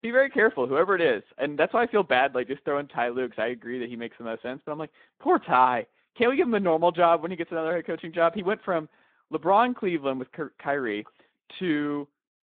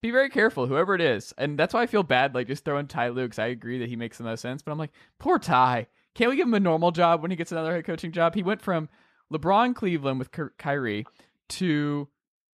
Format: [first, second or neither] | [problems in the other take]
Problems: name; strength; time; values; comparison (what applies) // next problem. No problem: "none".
second | phone-call audio; nothing above 3.5 kHz